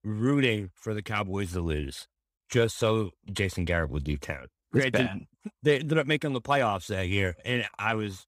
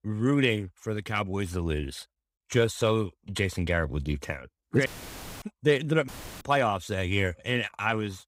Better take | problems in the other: first | audio cutting out; filled with static; at 5 s for 0.5 s and at 6 s

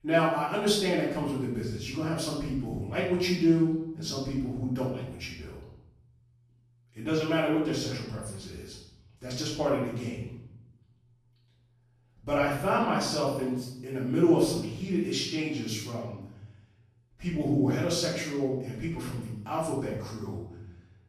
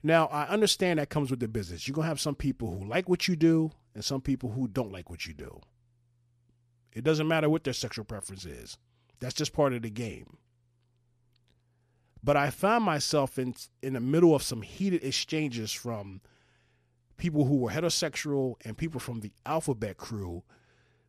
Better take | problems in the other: second | room echo; noticeable; dies away in 0.7 s // off-mic speech; far

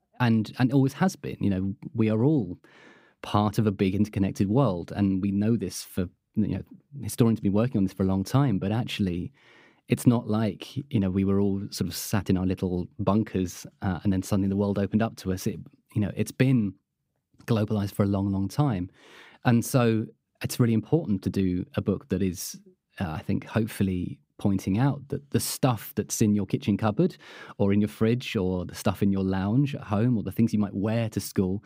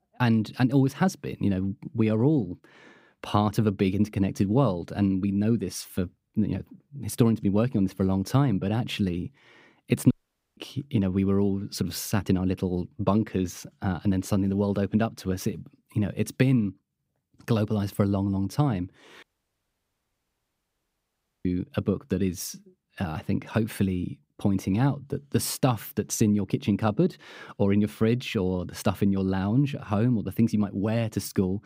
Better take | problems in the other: first | audio cutting out; at 10 s and at 19 s for 2 s

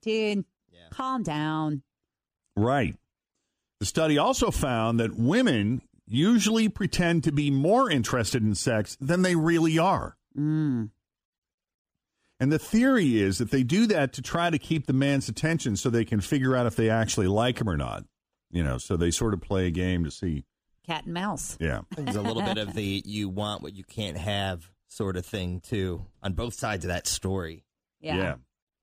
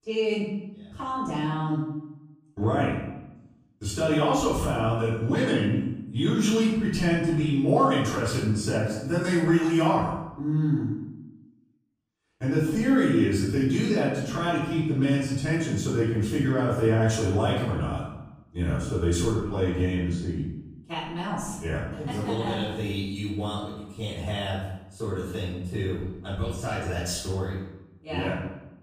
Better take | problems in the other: first | off-mic speech; far // room echo; noticeable; dies away in 0.8 s

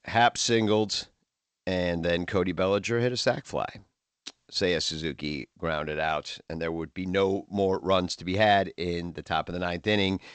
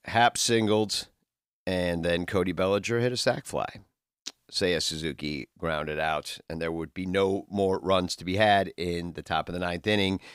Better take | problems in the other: second | garbled, watery; slightly; nothing above 8 kHz

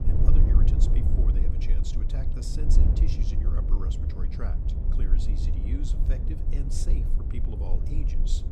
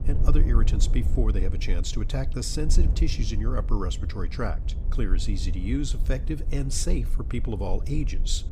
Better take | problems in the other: second | wind noise on the microphone; heavy; 1 dB above the speech; occasional gusts in the second

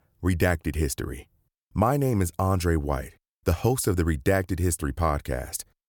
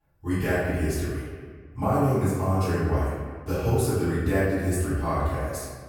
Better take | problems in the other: first | off-mic speech; far // room echo; strong; dies away in 1.4 s

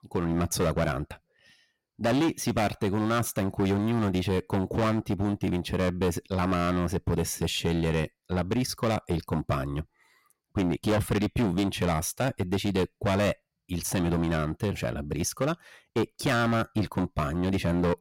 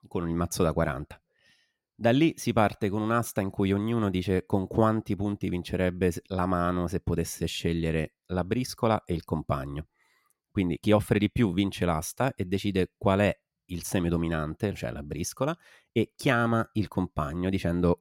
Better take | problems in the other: second | distortion; heavy; 14% of the sound clipped

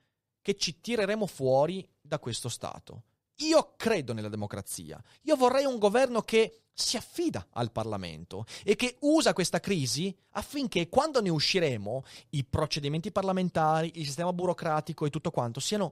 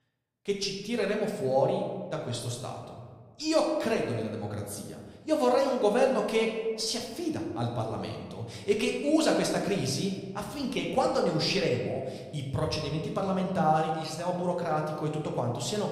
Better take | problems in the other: first | room echo; noticeable; dies away in 1.2 s // off-mic speech; somewhat distant

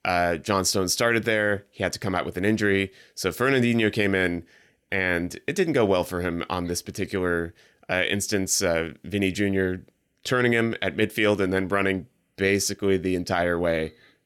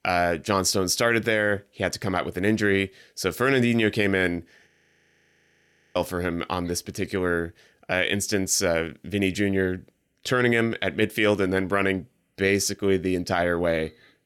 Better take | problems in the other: first | audio freezing; at 4.5 s for 1.5 s

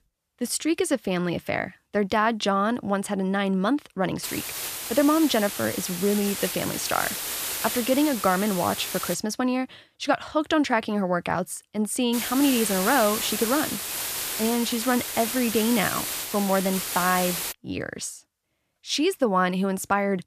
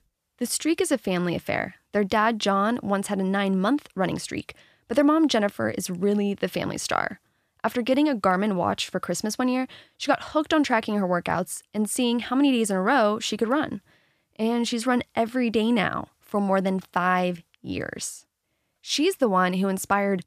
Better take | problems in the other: second | hiss; loud; from 4 to 9 s and from 12 to 18 s; 4 dB below the speech

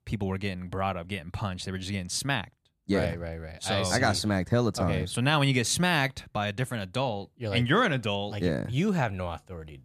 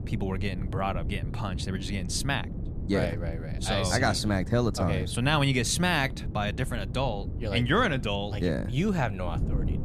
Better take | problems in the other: first | wind noise on the microphone; occasional gusts; 15 dB below the speech

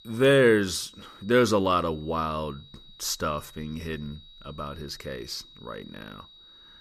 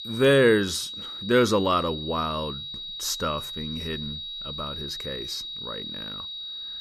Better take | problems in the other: first | high-pitched whine; loud; throughout; 4 kHz, 8 dB below the speech; faint in the first

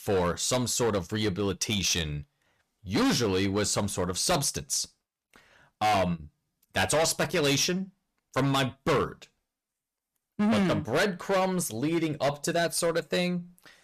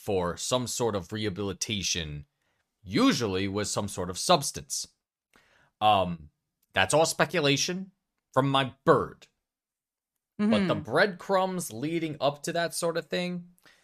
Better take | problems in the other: second | distortion; heavy; 11% of the sound clipped

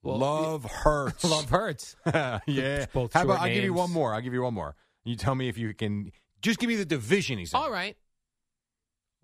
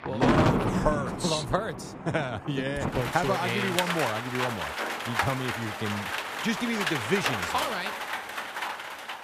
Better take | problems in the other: first | rain or running water; very loud; throughout; as loud as the speech

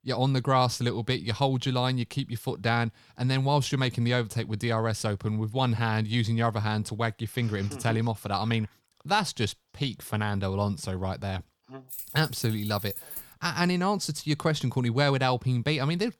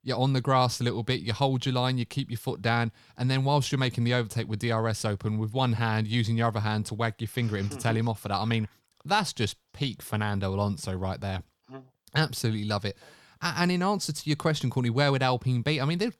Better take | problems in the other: second | jangling keys; noticeable; from 12 to 13 s; peak 9 dB below the speech

